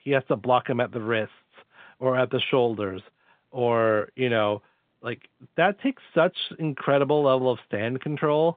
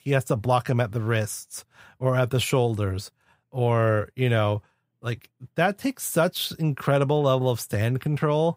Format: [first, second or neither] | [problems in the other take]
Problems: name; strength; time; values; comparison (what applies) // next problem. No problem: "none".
second | phone-call audio